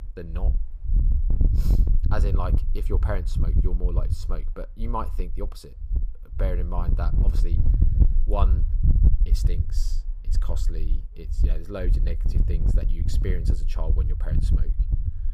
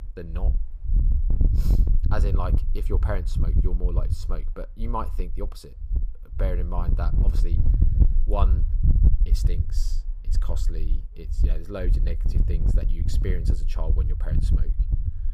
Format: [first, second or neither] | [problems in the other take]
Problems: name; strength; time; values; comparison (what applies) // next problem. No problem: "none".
neither | wind noise on the microphone; heavy; 6 dB below the speech; the same in both